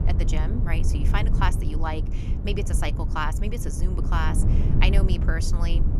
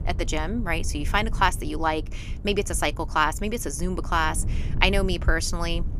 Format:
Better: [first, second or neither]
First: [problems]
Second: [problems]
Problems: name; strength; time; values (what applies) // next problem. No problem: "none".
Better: second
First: low rumble; loud; throughout; 7 dB below the speech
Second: low rumble; faint; throughout; 20 dB below the speech